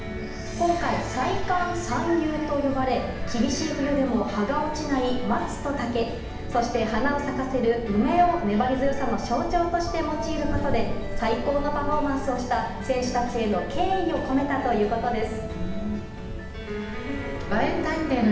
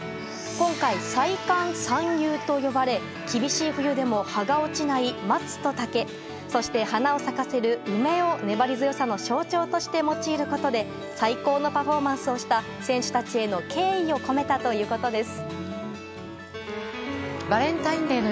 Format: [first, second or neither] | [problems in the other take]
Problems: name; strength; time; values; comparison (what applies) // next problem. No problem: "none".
second | background sound (Cricket); 7 dB below the speech // room echo; dies away in 0.8 s